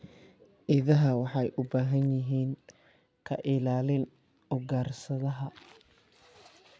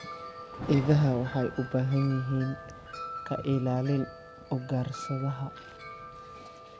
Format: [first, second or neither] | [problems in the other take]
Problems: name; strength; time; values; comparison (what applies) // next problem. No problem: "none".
first | background sound (Thunder / Rain + Wind chime); 12 dB below the speech